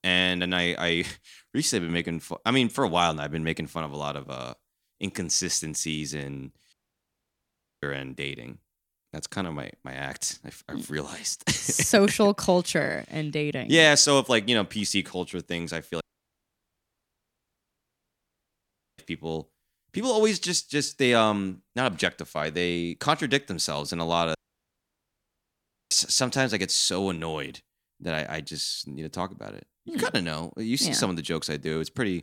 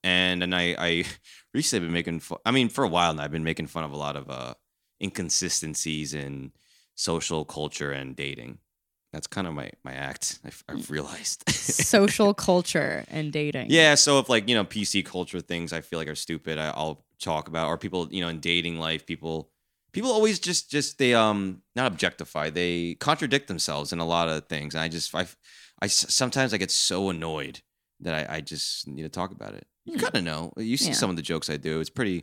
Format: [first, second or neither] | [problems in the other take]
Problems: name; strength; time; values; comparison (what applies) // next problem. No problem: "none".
second | audio cutting out; at 6.5 s for 1 s, at 16 s for 3 s and at 24 s for 1.5 s